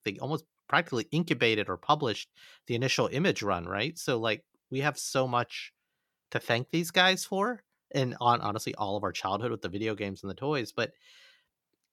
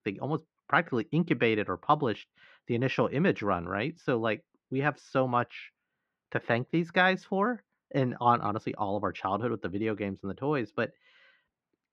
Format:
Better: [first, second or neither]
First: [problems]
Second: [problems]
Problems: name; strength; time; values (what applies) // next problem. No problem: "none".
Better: first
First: none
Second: muffled; very; fading above 2 kHz